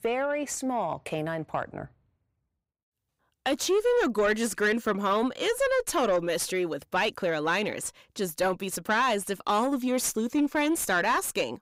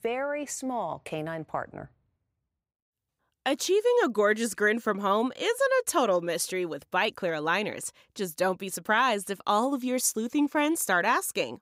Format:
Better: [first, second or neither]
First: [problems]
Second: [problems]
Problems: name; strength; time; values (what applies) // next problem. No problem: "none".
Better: second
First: distortion; slight; 10 dB below the speech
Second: none